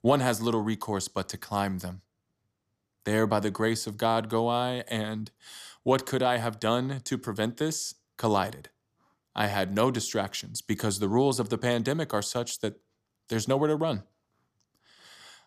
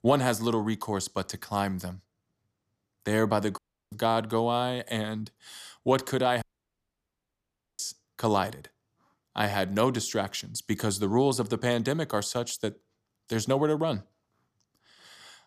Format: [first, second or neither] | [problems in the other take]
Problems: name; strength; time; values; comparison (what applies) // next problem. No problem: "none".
first | audio cutting out; at 3.5 s and at 6.5 s for 1.5 s